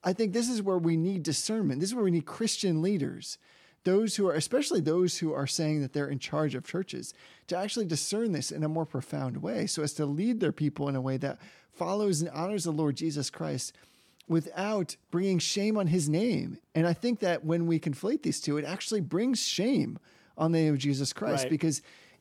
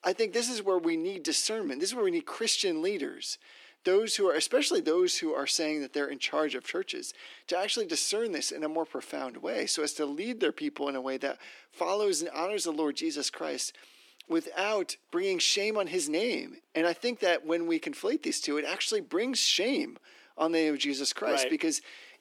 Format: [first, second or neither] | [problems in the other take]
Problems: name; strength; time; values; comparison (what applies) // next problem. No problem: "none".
first | thin; somewhat; fading below 300 Hz